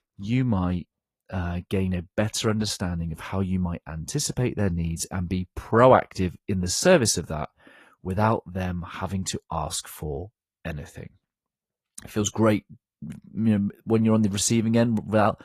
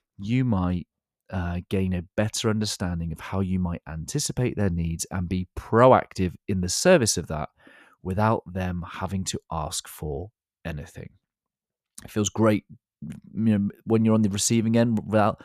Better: second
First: garbled, watery; slightly; nothing above 14.5 kHz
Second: none

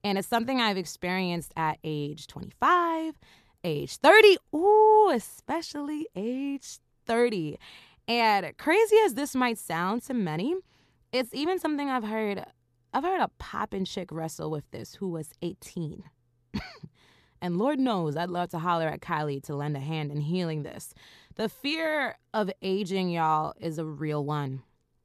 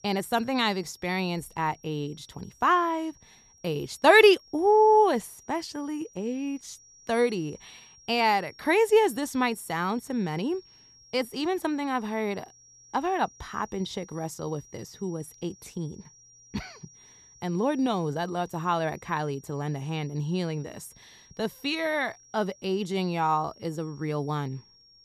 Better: first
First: none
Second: high-pitched whine; faint; throughout; 5.5 kHz, 25 dB below the speech

